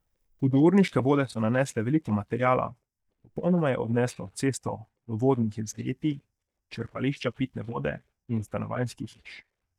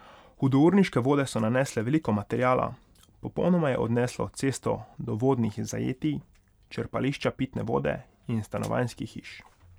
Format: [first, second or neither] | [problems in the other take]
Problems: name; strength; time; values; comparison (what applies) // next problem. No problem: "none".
second | noise reduction (neural mask model DeepFilterNet 3)